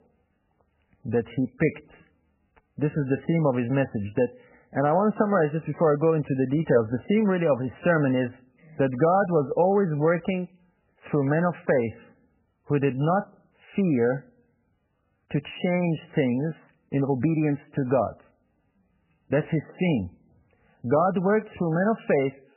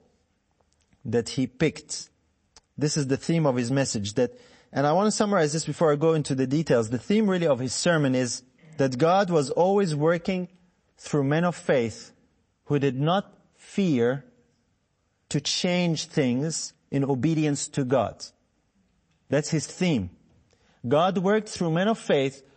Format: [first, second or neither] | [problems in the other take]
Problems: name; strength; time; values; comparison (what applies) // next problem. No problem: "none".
second | garbled, watery; badly; nothing above 3 kHz; slightly in the second